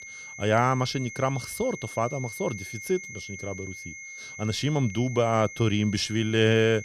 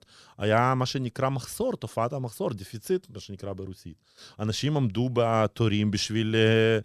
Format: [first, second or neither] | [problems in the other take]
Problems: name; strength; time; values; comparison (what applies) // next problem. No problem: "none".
second | high-pitched whine; noticeable; throughout; 2 kHz, 10 dB below the speech